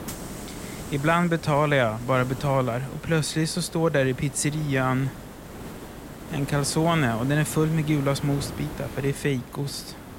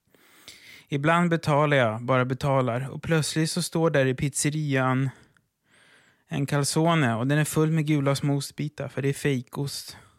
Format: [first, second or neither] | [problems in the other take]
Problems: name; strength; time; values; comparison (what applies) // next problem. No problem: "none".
second | hiss; noticeable; throughout; 15 dB below the speech